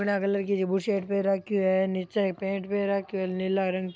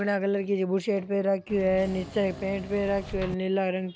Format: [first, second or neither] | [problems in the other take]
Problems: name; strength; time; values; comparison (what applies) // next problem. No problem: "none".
first | background sound (Engine / Mechanisms); 12 dB below the speech